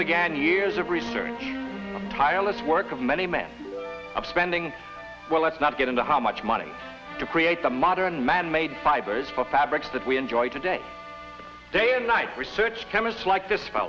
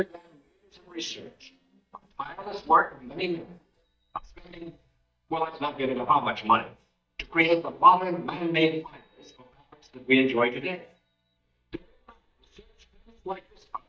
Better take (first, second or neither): first